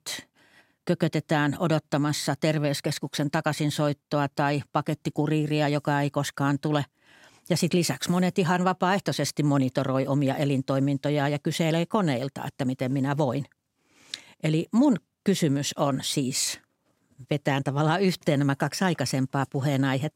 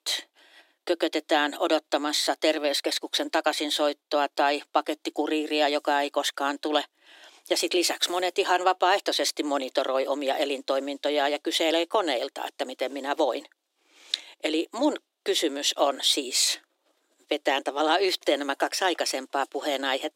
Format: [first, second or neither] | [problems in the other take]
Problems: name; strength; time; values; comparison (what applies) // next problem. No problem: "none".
first | thin; very; fading below 300 Hz